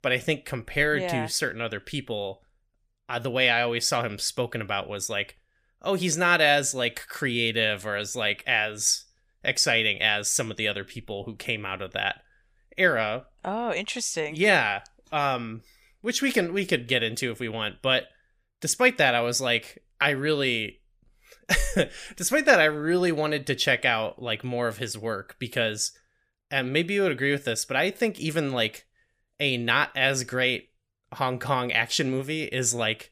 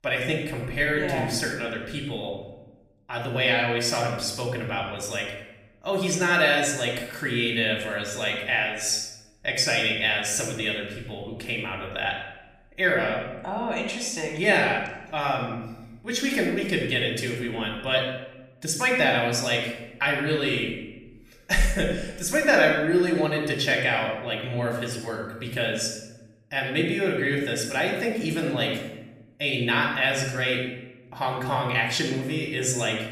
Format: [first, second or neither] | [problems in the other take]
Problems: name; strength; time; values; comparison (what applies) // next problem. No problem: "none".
first | off-mic speech; far // room echo; noticeable; dies away in 0.8 s